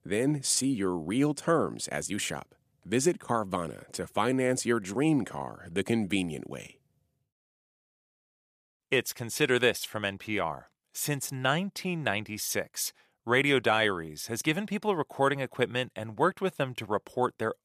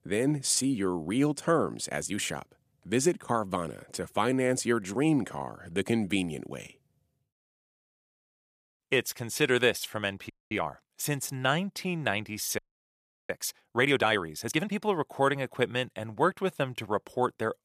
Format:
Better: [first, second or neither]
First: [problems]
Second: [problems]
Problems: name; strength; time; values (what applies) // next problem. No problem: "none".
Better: first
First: none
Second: audio freezing; at 10 s and at 13 s for 0.5 s